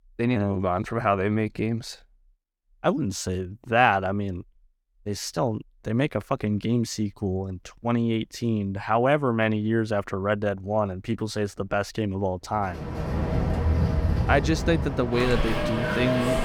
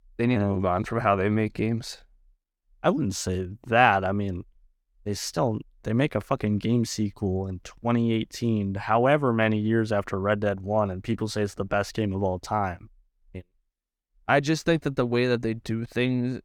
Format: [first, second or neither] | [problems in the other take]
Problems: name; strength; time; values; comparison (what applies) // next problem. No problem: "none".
second | train or aircraft noise; loud; from 13 s on; 1 dB below the speech